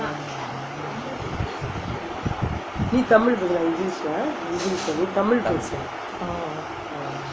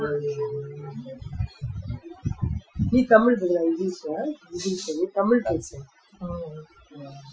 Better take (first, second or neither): first